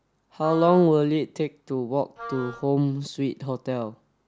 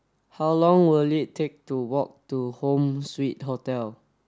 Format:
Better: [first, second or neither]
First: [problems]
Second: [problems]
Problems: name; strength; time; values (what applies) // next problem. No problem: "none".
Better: second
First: background sound (Wind instrument, woodwind instrument); 16 dB below the speech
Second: none